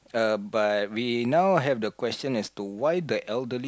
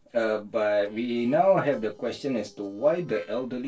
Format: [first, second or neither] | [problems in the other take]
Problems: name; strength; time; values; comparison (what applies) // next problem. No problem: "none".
first | noise reduction (neural separator model SepFormer DNS4)